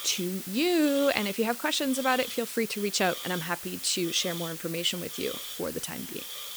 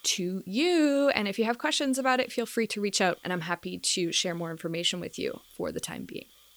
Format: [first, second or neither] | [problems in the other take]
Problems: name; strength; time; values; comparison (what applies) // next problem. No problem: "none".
second | hiss; loud; throughout; 7 dB below the speech; faint in the second